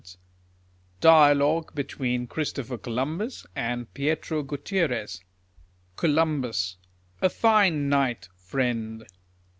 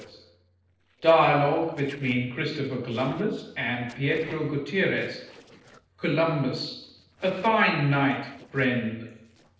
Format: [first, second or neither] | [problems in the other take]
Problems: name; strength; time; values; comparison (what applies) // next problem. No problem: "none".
first | noise reduction (neural separator model SepFormer DNS4)